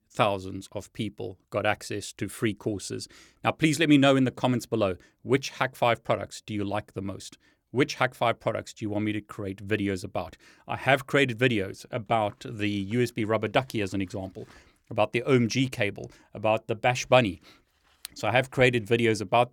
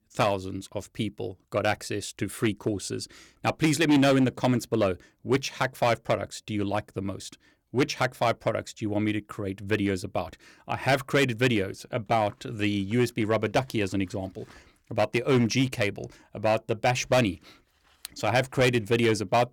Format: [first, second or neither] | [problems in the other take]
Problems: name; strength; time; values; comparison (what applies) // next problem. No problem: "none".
first | distortion; slight; 3% of the sound clipped